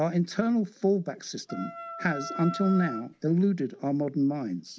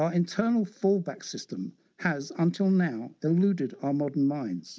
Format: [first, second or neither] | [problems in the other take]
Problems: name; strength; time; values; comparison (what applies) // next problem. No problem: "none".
second | background sound (Wind instrument, woodwind instrument); 10 dB below the speech